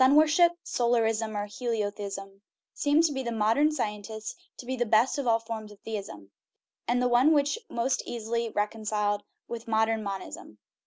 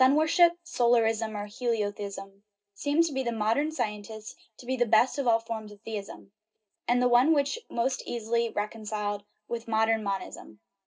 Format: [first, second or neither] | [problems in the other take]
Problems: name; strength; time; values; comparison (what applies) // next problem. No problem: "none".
first | room echo; dies away in 0.2 s